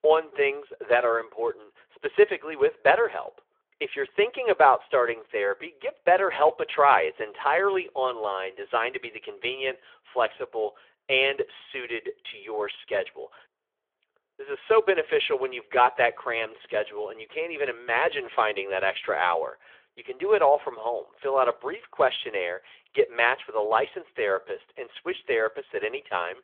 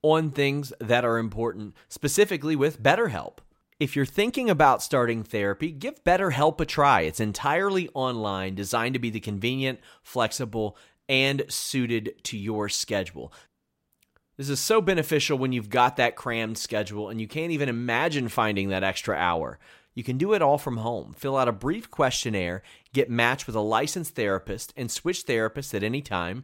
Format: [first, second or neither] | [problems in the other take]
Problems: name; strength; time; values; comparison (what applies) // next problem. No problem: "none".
second | phone-call audio; nothing above 3.5 kHz